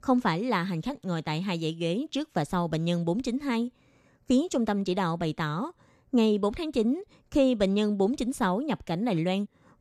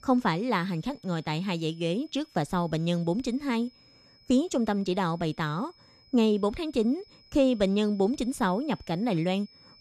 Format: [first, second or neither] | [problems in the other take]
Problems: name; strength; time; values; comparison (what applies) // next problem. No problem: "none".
first | high-pitched whine; faint; throughout; 5 kHz, 30 dB below the speech